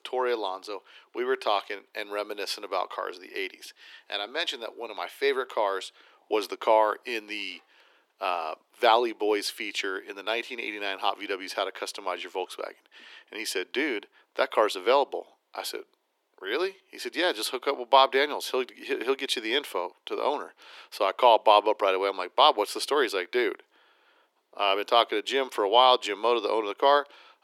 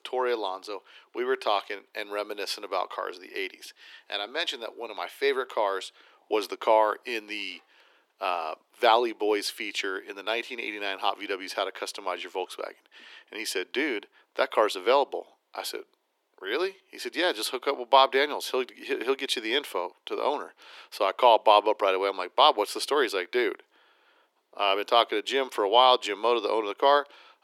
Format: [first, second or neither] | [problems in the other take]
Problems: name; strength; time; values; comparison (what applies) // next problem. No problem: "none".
neither | thin; very; fading below 350 Hz; the same in both